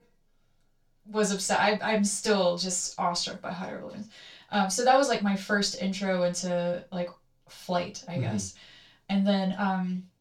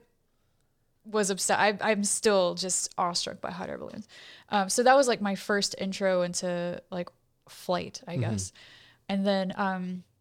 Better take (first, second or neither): second